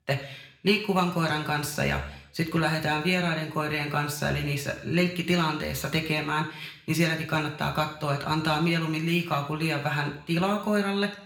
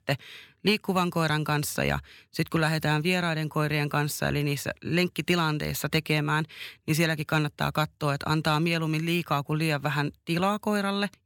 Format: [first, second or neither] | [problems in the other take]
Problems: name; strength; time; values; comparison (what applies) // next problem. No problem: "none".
second | room echo; slight; dies away in 0.6 s